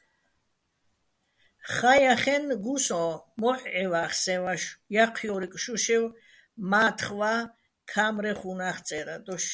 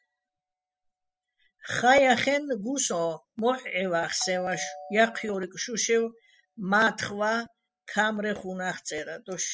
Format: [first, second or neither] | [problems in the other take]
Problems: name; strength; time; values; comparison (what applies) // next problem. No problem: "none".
first | noise reduction (classical method spectral subtraction)